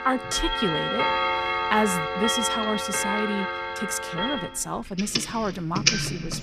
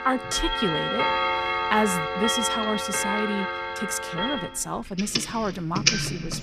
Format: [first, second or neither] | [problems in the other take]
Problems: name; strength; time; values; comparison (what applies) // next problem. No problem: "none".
neither | household noises; very loud; throughout; 2 dB above the speech; the same in both